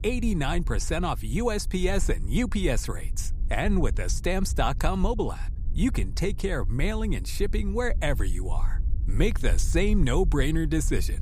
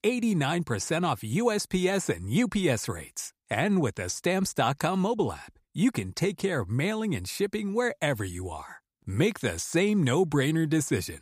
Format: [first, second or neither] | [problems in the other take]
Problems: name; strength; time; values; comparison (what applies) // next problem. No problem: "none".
second | low rumble; faint; throughout; 20 dB below the speech